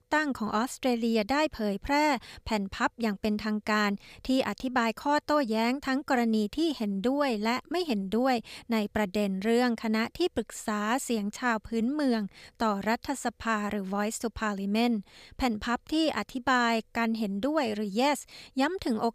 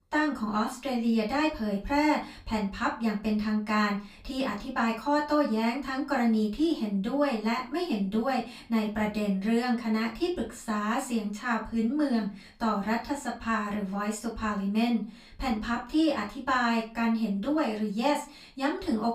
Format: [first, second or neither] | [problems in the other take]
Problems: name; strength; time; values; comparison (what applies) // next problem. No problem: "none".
first | off-mic speech; far // room echo; slight; dies away in 0.3 s